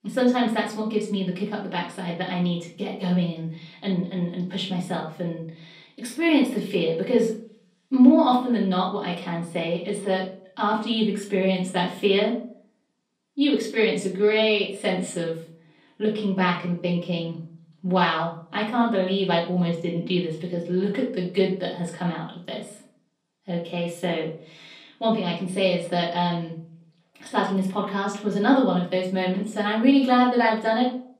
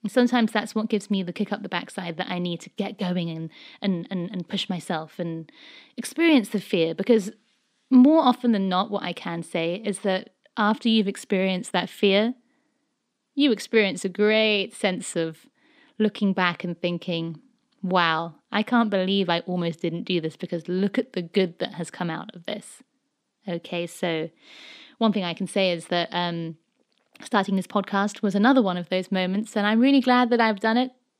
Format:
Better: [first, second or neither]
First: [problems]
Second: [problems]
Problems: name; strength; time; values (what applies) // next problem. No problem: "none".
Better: second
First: room echo; slight; dies away in 0.5 s // off-mic speech; far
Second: none